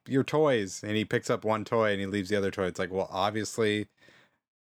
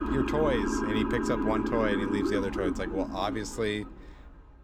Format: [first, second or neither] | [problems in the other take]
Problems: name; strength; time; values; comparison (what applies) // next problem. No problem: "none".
first | siren; loud; until 4 s; peak 2 dB above the speech